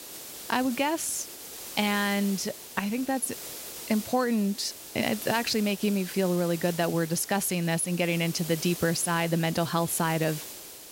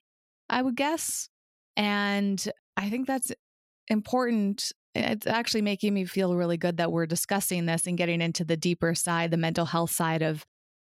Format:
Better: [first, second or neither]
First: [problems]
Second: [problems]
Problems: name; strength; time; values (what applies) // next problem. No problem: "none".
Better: second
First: hiss; noticeable; throughout; 10 dB below the speech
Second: none